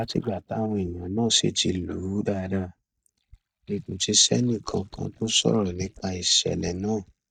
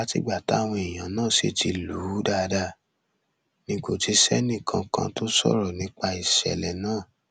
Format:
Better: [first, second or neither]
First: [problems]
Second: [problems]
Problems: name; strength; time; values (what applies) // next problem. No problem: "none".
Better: second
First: noise reduction (neural mask model DeepFilterNet 3)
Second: none